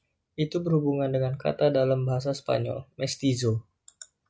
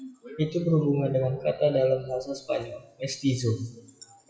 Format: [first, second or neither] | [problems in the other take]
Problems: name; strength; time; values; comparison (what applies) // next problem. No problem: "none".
first | noise reduction (classical method WPE with log-MMSE)